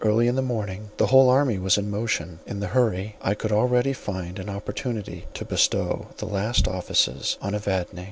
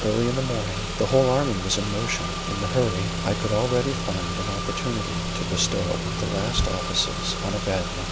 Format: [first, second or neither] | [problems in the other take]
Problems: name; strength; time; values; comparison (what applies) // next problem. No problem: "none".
first | background sound (Engine / Car); 2 dB below the speech